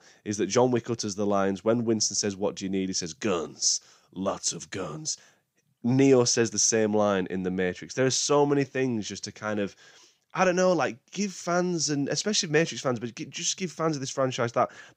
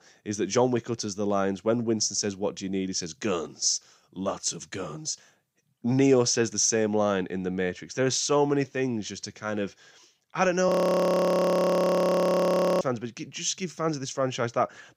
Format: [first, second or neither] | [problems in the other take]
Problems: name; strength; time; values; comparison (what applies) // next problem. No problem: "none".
first | audio freezing; at 11 s for 2 s